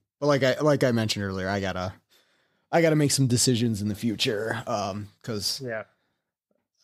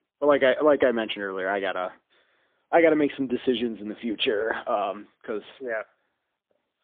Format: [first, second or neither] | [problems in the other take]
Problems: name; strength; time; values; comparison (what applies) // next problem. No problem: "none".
first | phone-call audio; poor line; nothing above 3.5 kHz